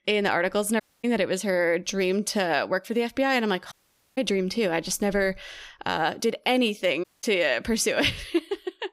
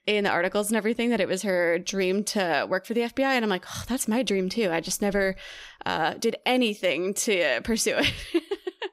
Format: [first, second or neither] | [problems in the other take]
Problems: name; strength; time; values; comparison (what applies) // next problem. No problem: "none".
second | audio cutting out; at 1 s, at 3.5 s and at 7 s